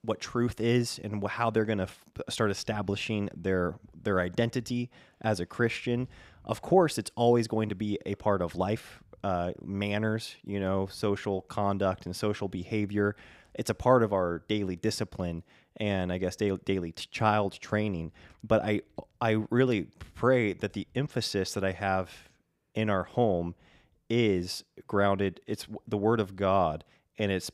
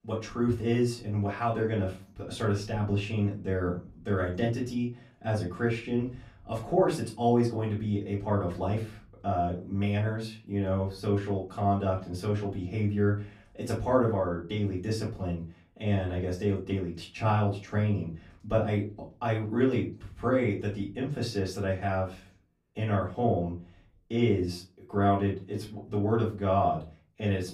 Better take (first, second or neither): first